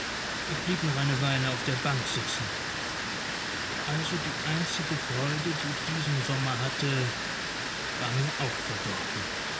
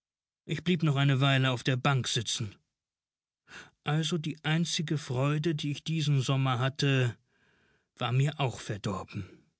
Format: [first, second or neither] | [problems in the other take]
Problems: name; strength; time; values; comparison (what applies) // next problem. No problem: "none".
second | background sound (Water); as loud as the speech